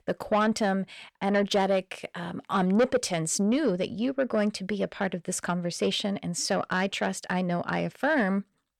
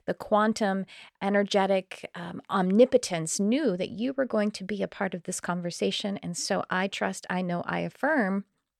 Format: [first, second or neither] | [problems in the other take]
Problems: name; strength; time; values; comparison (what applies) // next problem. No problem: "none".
second | distortion; slight; 10 dB below the speech